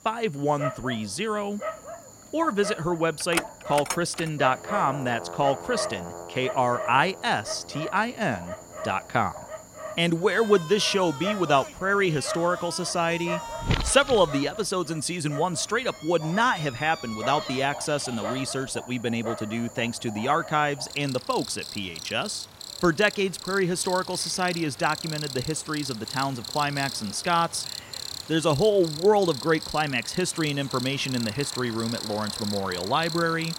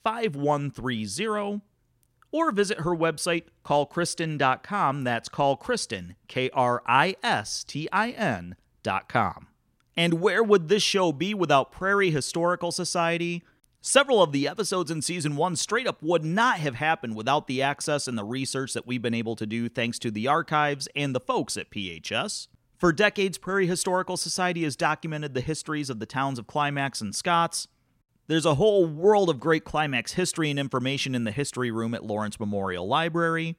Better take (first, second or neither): second